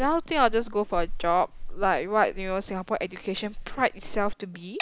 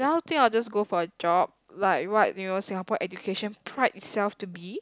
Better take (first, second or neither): second